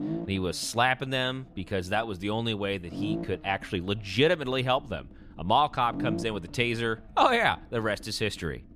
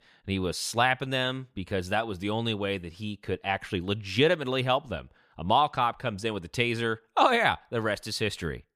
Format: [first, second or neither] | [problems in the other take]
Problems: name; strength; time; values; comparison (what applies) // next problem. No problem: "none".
second | low rumble; noticeable; throughout; 15 dB below the speech